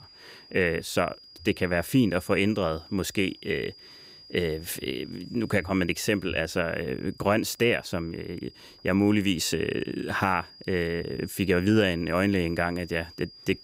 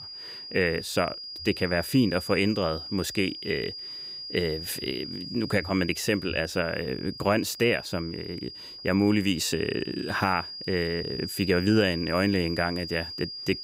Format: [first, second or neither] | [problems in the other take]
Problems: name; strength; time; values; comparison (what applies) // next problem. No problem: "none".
first | high-pitched whine; loud; throughout; 5 kHz, 9 dB below the speech; faint in the first